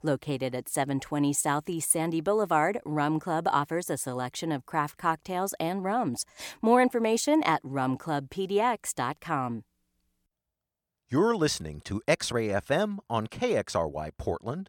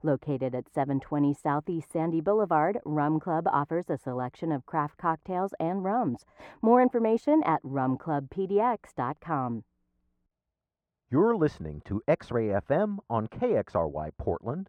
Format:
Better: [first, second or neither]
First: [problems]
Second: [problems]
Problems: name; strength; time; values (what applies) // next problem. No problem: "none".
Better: first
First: none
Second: muffled; very; fading above 3 kHz